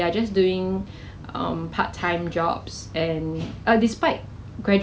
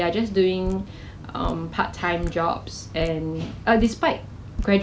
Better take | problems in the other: first | background sound (Drip); 12 dB below the speech

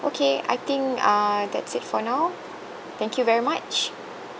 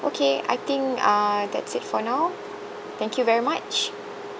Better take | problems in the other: first | background sound (Wind instrument, woodwind instrument); 16 dB below the speech

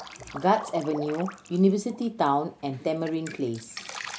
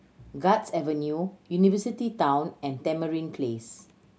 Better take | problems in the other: second | background sound (Drip); 15 dB below the speech

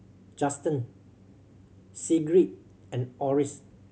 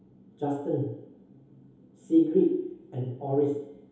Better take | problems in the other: first | room echo; dies away in 2.2 s

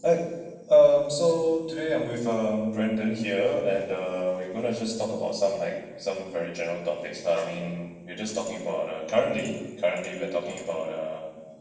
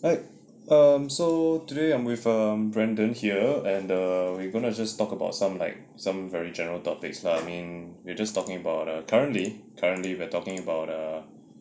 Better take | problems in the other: second | room echo; dies away in 1.1 s

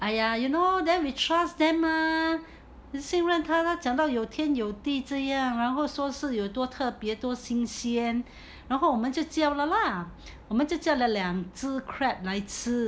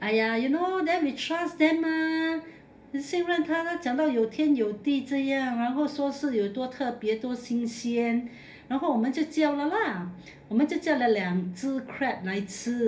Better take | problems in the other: first | room echo; dies away in 0.3 s

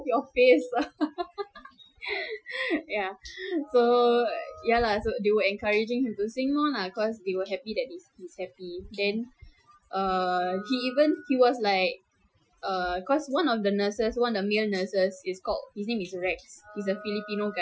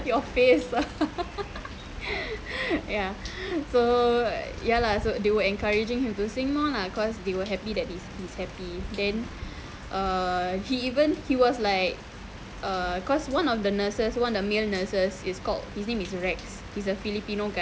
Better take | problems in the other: second | noise reduction (classical method Wiener filter)

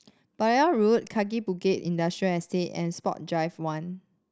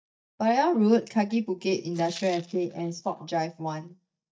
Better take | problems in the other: first | noise reduction (neural mask model DeepFilterNet 3)

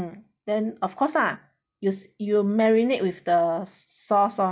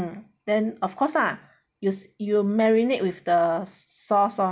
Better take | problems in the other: second | noise reduction (neural mask model DeepFilterNet 3)

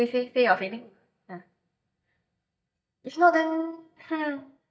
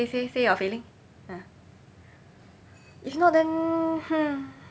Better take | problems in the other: second | noise reduction (neural mask model DeepFilterNet 3)

